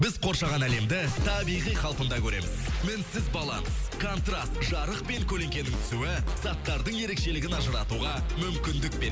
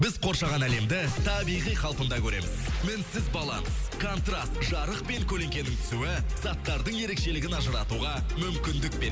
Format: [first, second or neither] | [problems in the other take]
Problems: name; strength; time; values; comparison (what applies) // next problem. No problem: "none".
second | background sound (Fart); 18 dB below the speech